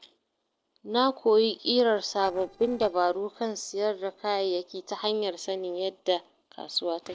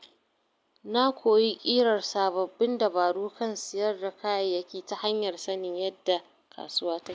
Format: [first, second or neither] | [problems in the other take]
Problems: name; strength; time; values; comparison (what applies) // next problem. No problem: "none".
second | noise reduction (neural separator model SepFormer DNS4)